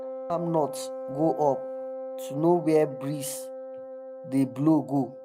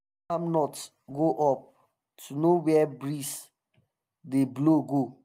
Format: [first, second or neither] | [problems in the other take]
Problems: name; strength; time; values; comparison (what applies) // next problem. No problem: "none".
second | background sound (Wind instrument, woodwind instrument); 10 dB below the speech